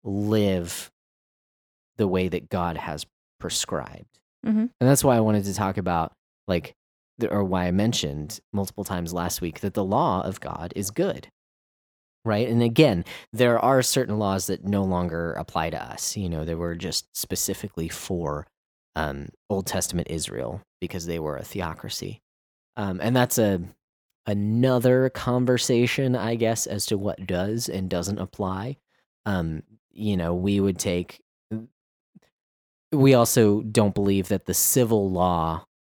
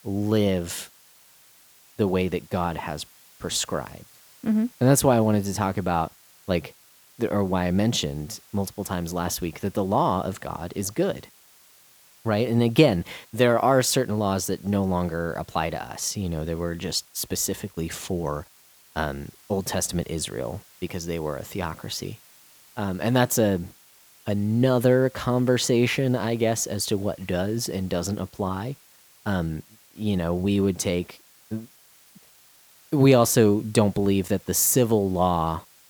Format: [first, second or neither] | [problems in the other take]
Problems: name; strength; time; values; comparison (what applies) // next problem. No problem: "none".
first | hiss; faint; throughout; 25 dB below the speech